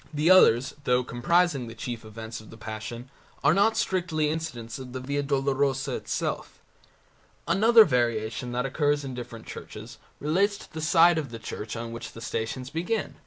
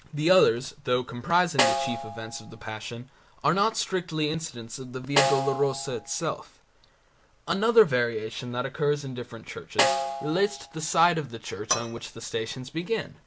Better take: first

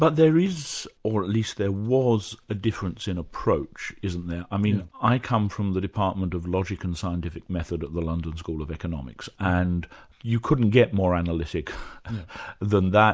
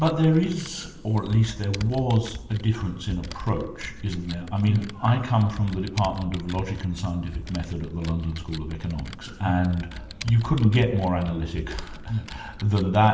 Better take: first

